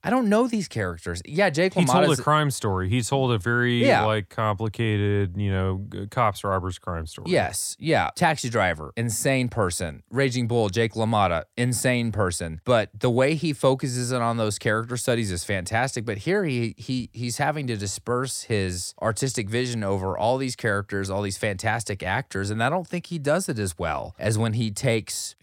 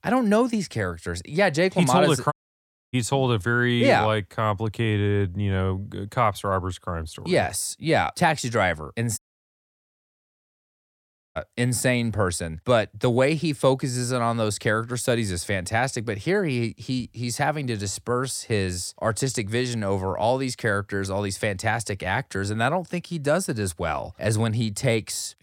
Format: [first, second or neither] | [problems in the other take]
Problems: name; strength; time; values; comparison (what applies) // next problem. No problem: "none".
first | audio cutting out; at 2.5 s for 0.5 s and at 9 s for 2 s